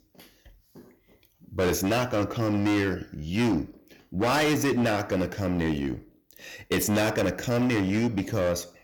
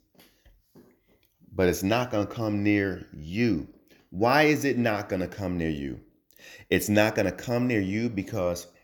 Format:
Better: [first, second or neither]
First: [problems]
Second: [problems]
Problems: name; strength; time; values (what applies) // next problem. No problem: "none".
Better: second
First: distortion; heavy; 15% of the sound clipped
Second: none